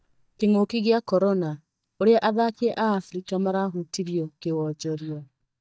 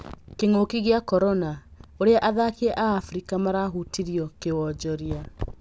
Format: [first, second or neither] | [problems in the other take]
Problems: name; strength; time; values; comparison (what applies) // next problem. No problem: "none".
second | noise reduction (neural mask model DeepFilterNet 3)